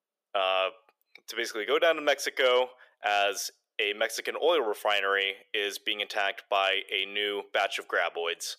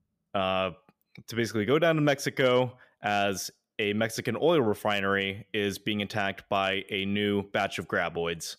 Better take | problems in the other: second | thin; very; fading below 450 Hz

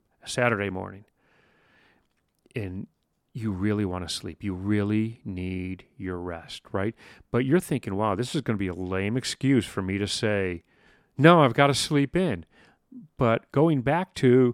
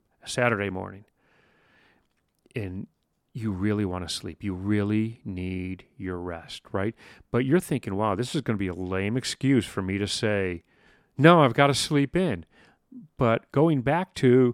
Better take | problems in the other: neither | none

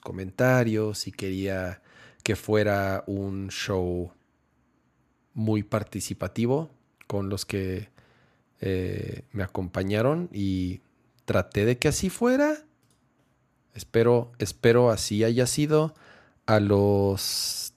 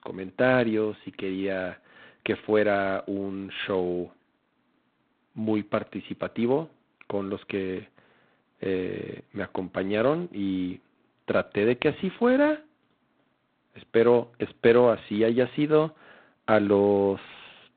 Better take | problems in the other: first | phone-call audio; poor line; nothing above 4 kHz

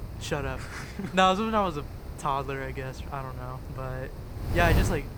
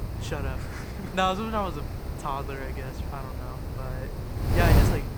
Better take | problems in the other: first | wind noise on the microphone; heavy; 6 dB below the speech; occasional gusts in the first

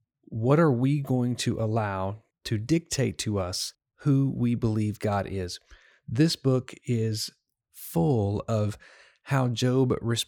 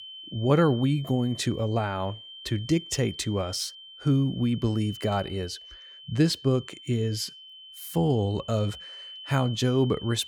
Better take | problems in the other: first | high-pitched whine; noticeable; throughout; 3 kHz, 15 dB below the speech

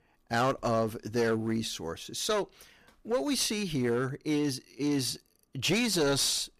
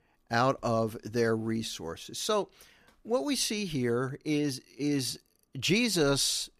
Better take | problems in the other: second | distortion; slight; 7% of the sound clipped

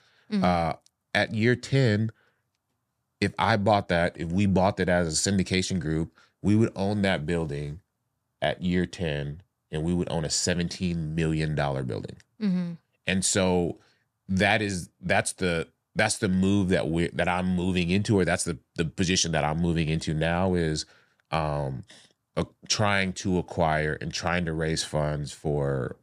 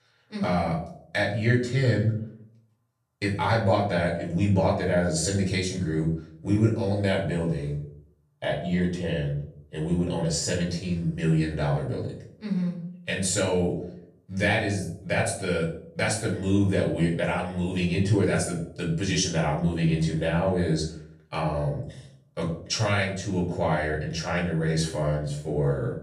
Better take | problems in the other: first | off-mic speech; far // room echo; noticeable; dies away in 0.5 s

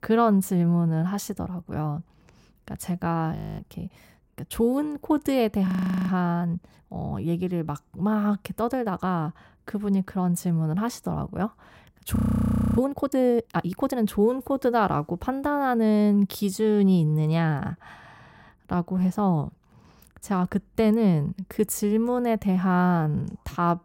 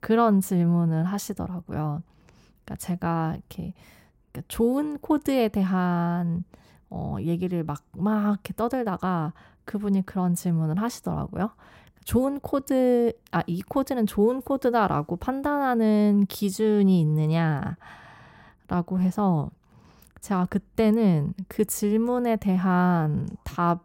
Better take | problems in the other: second | audio freezing; at 3.5 s, at 5.5 s and at 12 s for 0.5 s

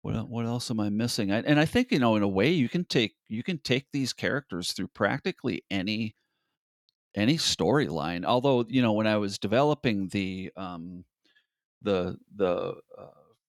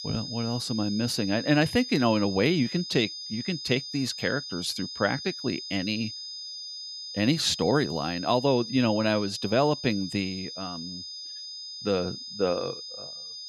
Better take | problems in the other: first | high-pitched whine; loud; throughout; 5 kHz, 9 dB below the speech

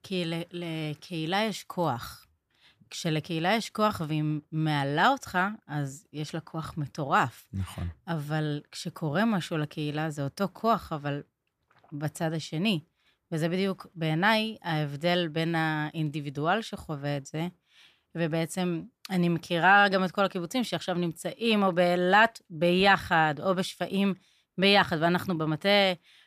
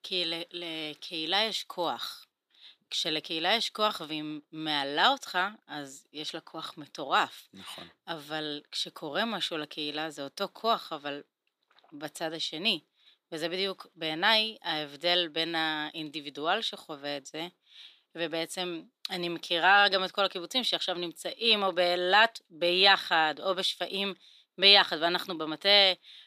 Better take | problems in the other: first | thin; somewhat; fading below 300 Hz

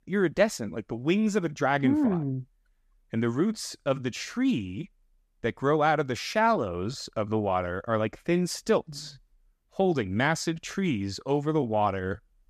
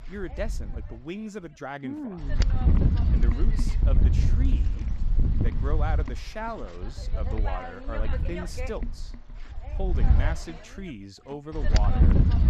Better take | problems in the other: first | wind noise on the microphone; heavy; 1 dB below the speech

